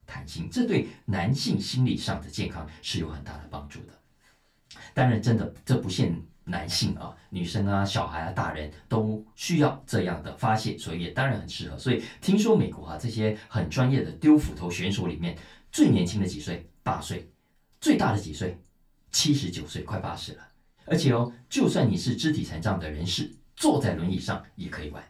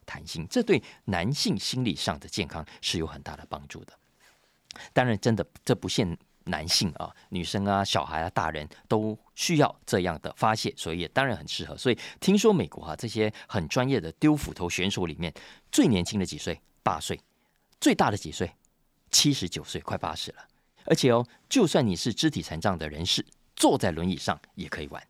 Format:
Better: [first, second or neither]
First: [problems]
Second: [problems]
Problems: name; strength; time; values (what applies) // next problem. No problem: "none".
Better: second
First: off-mic speech; far // room echo; very slight; dies away in 0.2 s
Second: none